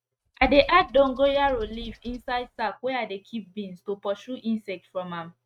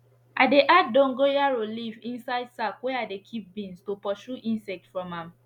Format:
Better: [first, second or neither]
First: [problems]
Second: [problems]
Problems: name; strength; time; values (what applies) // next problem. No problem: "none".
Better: second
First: noise reduction (neural mask model RNNoise)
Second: none